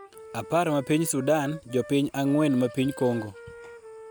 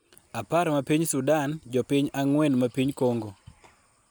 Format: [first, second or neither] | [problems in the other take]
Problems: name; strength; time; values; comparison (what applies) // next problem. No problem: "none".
second | background sound (Wind instrument, woodwind instrument); 18 dB below the speech